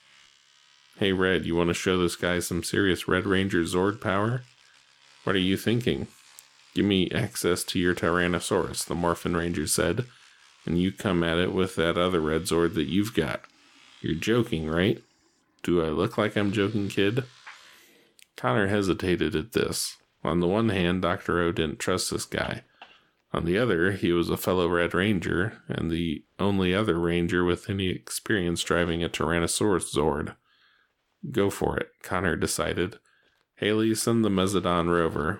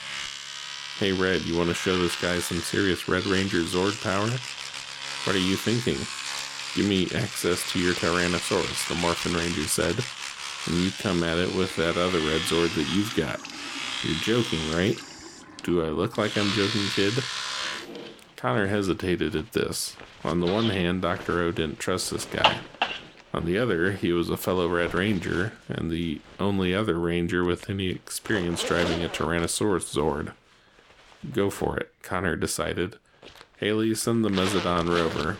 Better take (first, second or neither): first